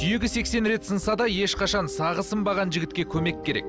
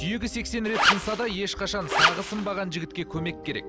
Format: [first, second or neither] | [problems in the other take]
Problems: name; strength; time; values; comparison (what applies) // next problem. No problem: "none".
first | background sound (Zipper (clothing)); 5 dB above the speech